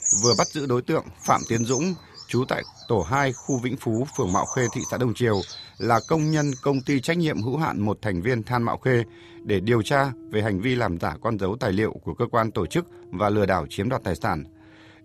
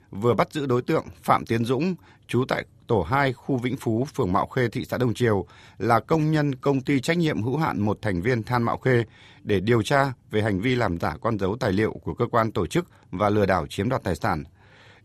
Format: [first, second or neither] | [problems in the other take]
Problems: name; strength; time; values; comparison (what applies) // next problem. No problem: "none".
second | animal sounds; loud; throughout; 8 dB below the speech